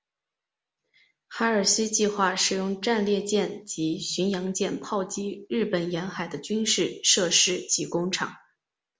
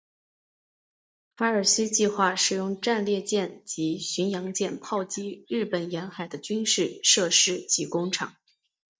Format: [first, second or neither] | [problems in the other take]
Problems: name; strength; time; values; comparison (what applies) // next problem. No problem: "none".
first | noise reduction (neural mask model DeepFilterNet 3)